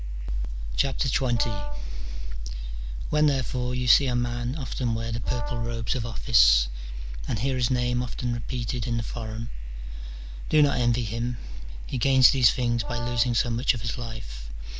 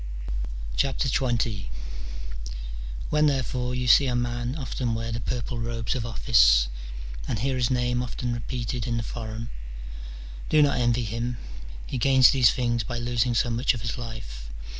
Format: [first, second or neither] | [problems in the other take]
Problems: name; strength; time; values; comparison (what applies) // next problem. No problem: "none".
second | background sound (Brass instrument); 18 dB below the speech